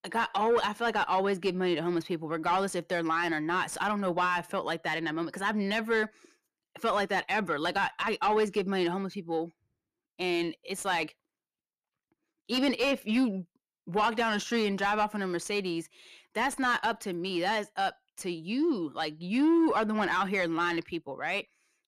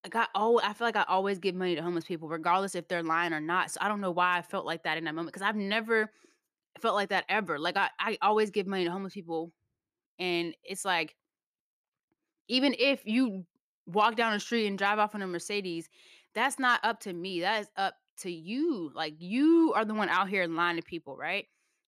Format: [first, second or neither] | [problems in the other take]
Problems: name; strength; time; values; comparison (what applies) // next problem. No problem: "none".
second | distortion; slight; 10 dB below the speech